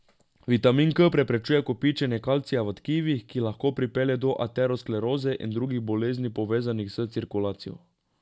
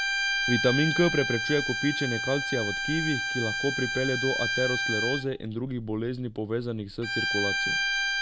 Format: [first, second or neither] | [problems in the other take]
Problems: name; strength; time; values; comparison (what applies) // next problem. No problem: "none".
first | background sound (Bowed string instrument); as loud as the speech